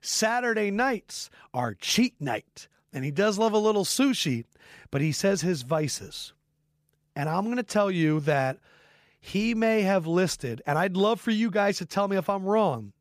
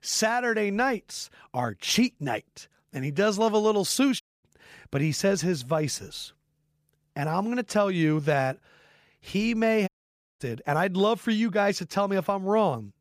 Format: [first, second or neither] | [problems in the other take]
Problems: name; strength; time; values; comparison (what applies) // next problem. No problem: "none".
first | audio cutting out; at 4 s and at 10 s for 0.5 s